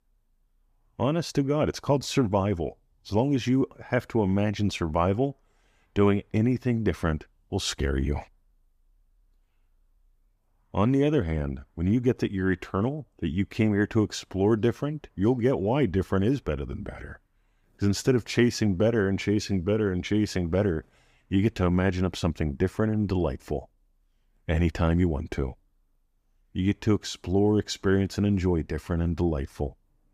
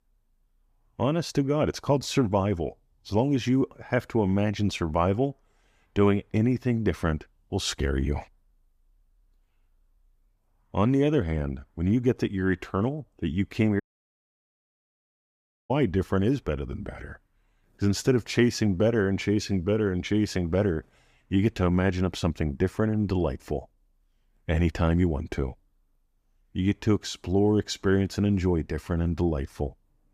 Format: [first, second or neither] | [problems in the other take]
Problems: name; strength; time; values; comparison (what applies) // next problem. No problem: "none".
first | audio cutting out; at 14 s for 2 s